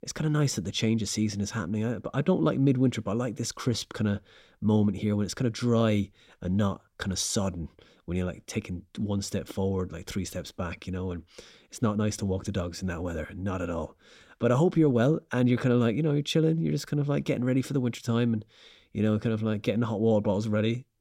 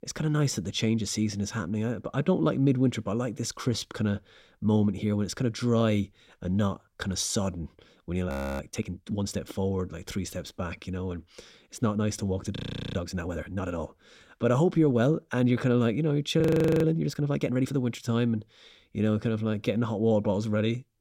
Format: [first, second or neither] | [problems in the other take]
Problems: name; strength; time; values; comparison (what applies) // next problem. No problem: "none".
first | audio freezing; at 8.5 s, at 13 s and at 16 s